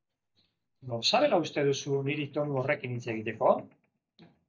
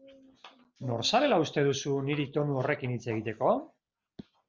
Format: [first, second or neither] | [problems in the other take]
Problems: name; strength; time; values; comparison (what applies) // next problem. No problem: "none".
second | noise reduction (neural mask model DeepFilterNet 3)